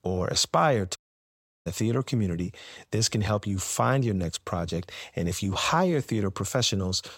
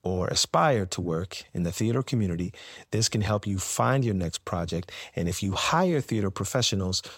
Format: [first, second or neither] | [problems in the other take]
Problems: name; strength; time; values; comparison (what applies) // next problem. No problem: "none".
second | audio cutting out; at 1 s for 0.5 s